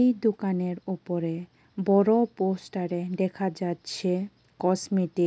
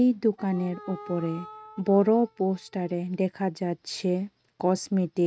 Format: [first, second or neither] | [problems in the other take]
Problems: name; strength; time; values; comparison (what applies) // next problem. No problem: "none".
first | noise reduction (neural mask model RNNoise)